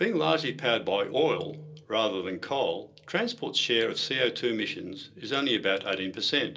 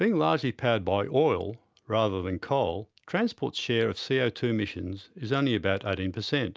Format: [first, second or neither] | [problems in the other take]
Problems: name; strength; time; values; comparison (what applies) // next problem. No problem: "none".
second | room echo; dies away in 0.2 s